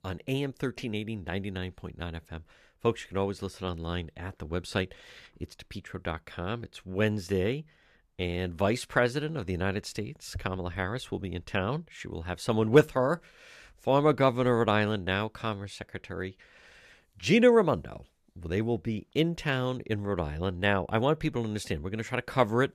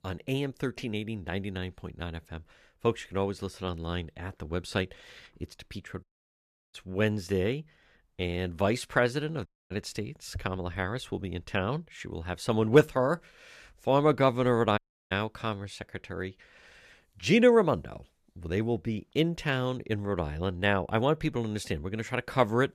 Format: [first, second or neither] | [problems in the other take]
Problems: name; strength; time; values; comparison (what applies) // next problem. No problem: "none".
first | audio cutting out; at 6 s for 0.5 s, at 9.5 s and at 15 s